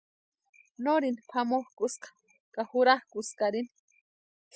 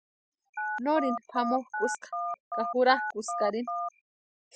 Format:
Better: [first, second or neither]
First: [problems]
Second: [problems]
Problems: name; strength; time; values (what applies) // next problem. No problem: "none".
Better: first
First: none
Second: background sound (Telephone); 2 dB below the speech